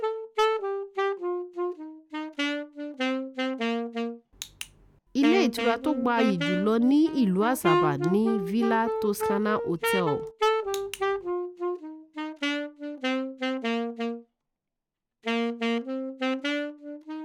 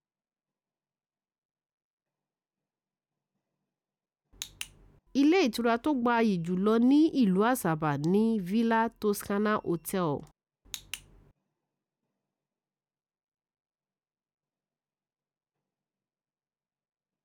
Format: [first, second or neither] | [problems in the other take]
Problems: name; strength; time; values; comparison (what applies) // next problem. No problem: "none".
second | background sound (Wind instrument, woodwind instrument); as loud as the speech